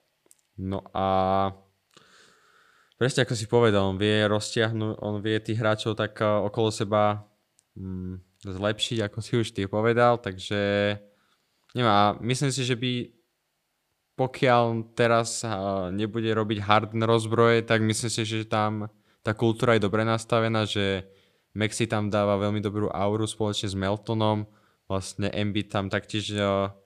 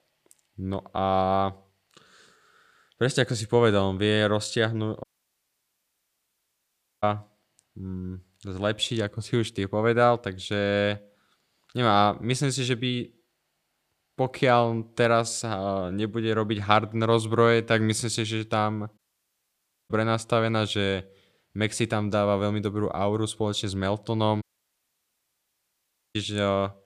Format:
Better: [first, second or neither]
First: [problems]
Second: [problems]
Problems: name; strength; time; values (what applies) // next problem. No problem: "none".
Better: first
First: none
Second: audio cutting out; at 5 s for 2 s, at 19 s for 1 s and at 24 s for 1.5 s